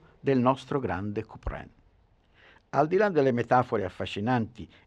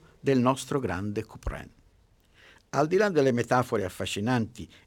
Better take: second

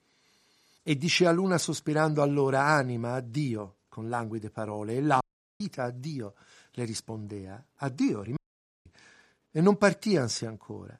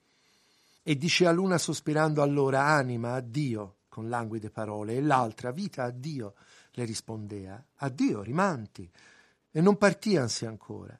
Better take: second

